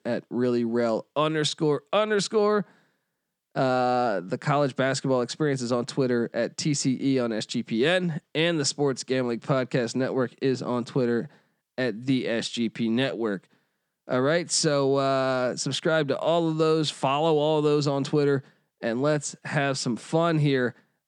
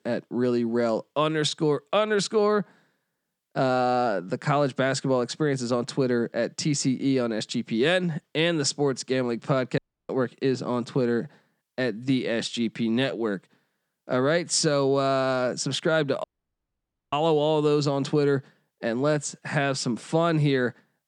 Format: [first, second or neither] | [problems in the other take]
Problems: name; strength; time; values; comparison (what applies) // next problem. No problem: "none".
first | audio cutting out; at 10 s and at 16 s for 1 s